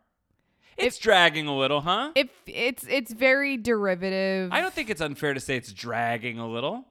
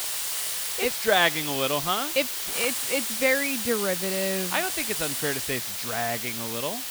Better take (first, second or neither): first